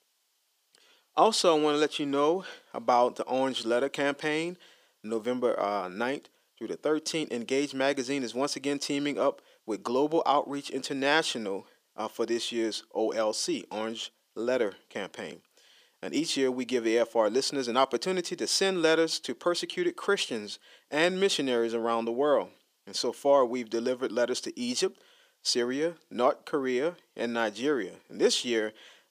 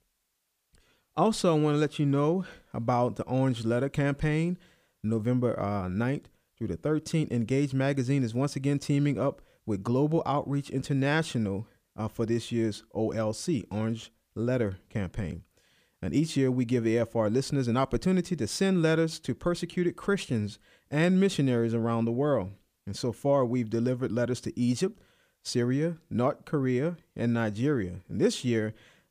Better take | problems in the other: second | thin; somewhat; fading below 350 Hz

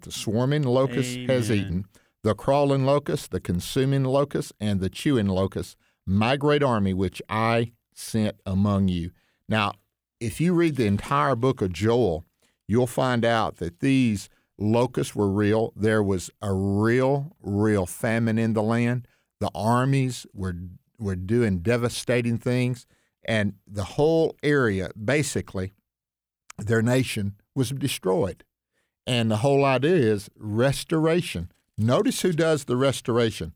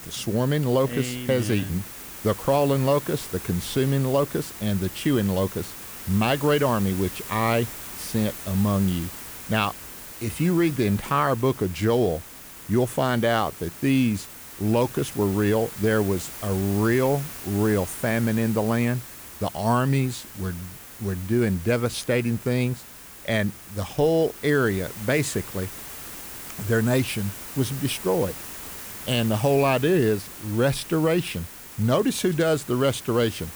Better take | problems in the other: first | hiss; noticeable; throughout; 10 dB below the speech

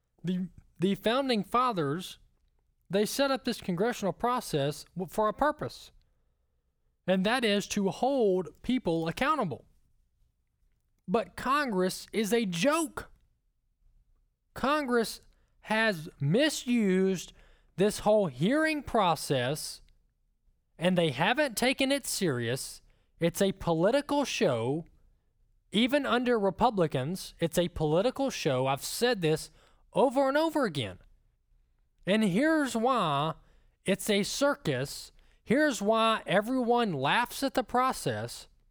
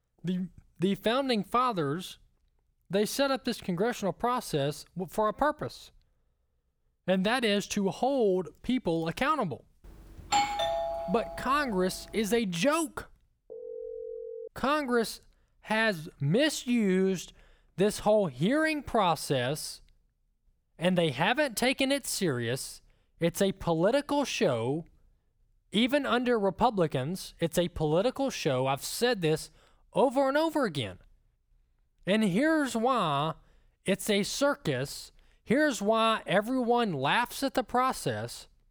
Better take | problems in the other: first | doorbell; loud; from 10 to 11 s; peak 2 dB above the speech // phone ringing; faint; at 14 s; peak 10 dB below the speech

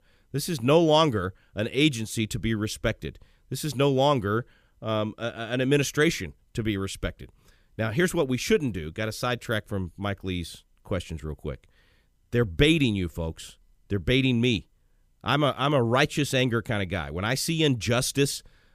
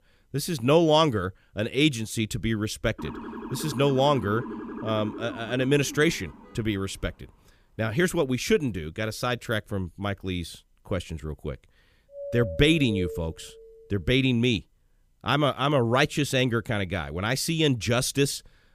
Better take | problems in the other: first | siren; faint; from 3 to 7 s; peak 10 dB below the speech // doorbell; noticeable; from 12 to 14 s; peak 8 dB below the speech

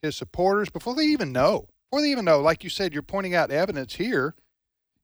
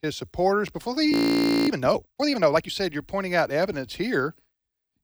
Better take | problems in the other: first | audio freezing; at 1 s for 0.5 s

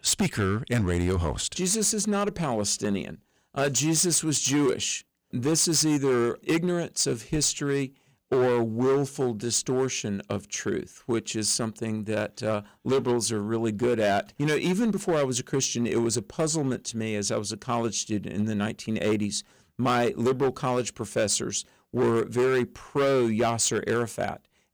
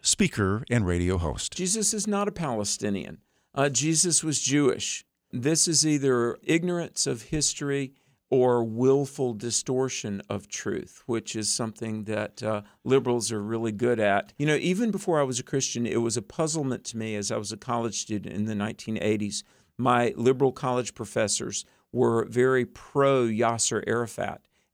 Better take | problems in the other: second | distortion; slight; 8% of the sound clipped

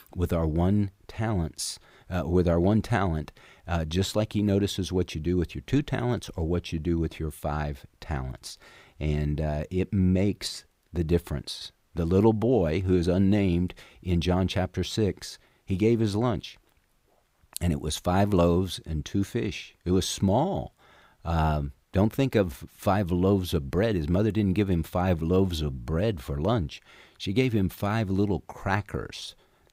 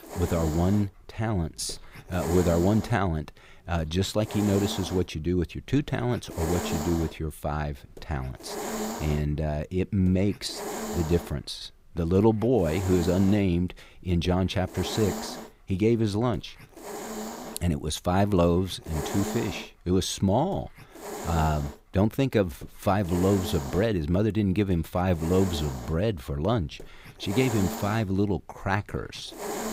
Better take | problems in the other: first | hiss; loud; throughout; 10 dB below the speech

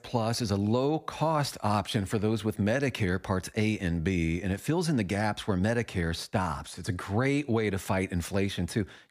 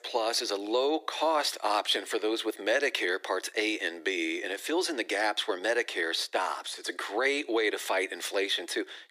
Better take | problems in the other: first | thin; very; fading below 350 Hz

